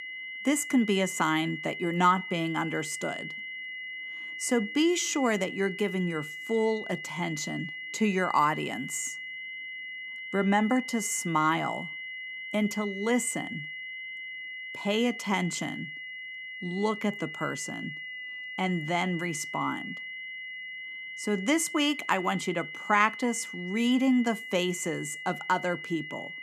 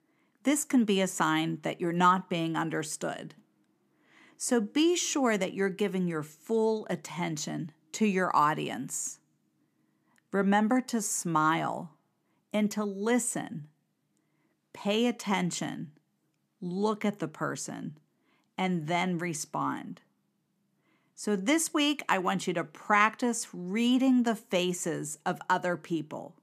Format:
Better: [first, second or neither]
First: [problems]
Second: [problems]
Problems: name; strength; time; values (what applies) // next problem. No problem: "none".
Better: second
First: high-pitched whine; loud; throughout; 2 kHz, 8 dB below the speech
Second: none